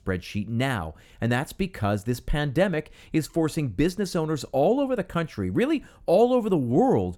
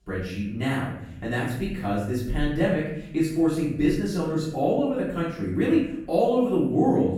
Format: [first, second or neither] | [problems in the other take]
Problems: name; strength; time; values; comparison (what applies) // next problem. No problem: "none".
first | off-mic speech; far // room echo; noticeable; dies away in 0.7 s